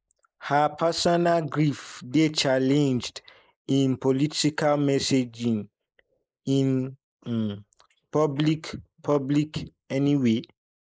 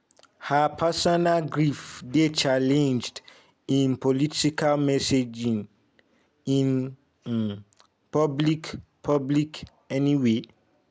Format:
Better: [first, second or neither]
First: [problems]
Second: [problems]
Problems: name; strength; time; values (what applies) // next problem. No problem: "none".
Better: second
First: noise reduction (neural mask model Resemble Enhance denoiser)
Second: none